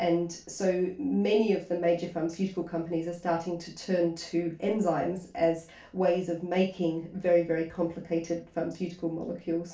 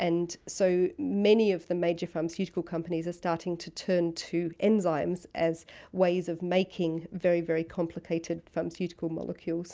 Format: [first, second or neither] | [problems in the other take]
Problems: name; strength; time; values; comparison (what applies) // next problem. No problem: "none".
second | room echo; dies away in 0.3 s